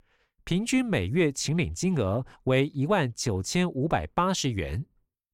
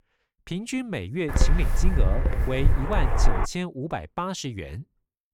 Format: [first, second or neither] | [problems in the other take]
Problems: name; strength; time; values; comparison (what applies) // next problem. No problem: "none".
first | wind noise on the microphone; faint; from 1.5 to 3.5 s; 1 dB below the speech